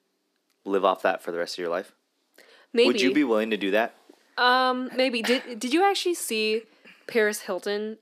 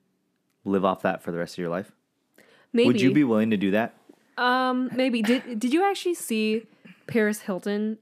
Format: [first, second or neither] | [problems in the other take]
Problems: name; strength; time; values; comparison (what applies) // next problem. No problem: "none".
second | thin; somewhat; fading below 300 Hz